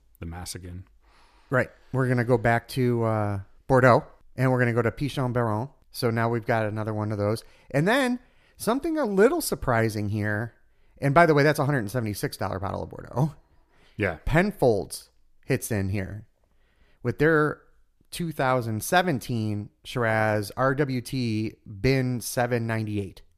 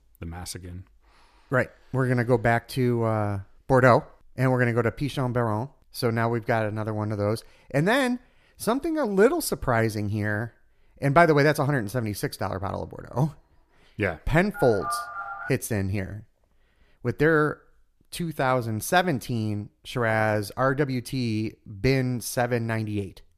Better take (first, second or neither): first